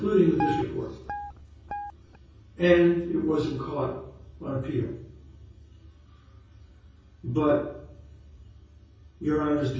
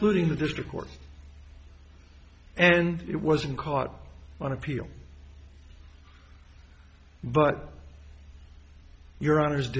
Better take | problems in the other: second | background sound (Guitar); 7 dB below the speech // room echo; dies away in 0.6 s

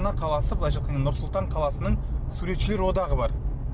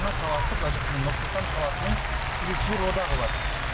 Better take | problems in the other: first | background sound (Applause); 4 dB below the speech

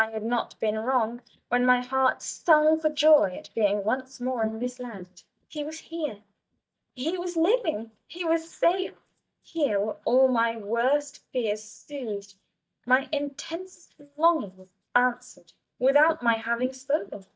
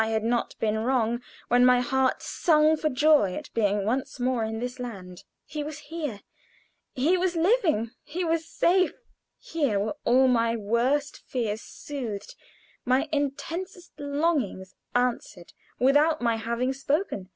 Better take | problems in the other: second | noise reduction (neural mask model DeepFilterNet 3)

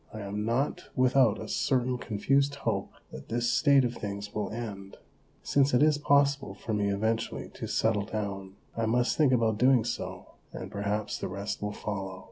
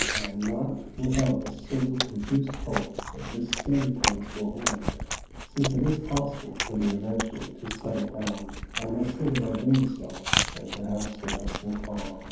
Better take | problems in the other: first | background sound (Chewing, mastication); 4 dB below the speech // room echo; dies away in 0.9 s

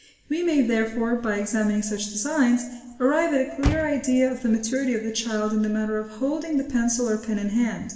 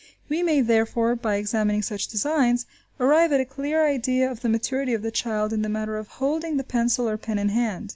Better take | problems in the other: second | background sound (Motor vehicle (road)); 14 dB below the speech // room echo; dies away in 0.9 s

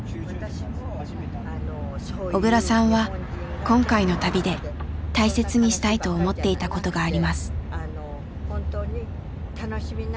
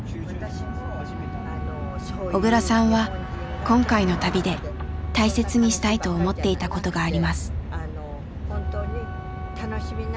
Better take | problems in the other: first | background sound (Wind instrument, woodwind instrument); 18 dB below the speech

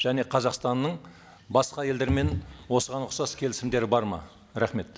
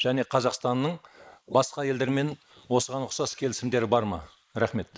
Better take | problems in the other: first | noise reduction (neural mask model Resemble Enhance denoiser)

